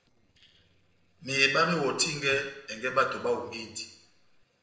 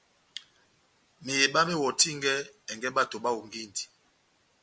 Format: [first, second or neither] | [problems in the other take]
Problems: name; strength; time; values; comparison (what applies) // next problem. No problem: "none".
second | noise reduction (neural separator model SepFormer DNS4)